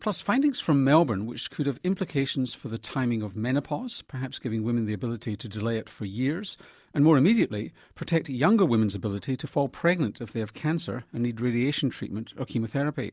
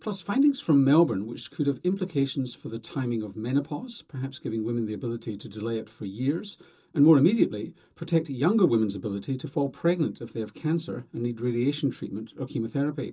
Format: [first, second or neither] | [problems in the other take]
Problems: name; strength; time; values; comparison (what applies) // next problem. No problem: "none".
first | room echo; dies away in 0.2 s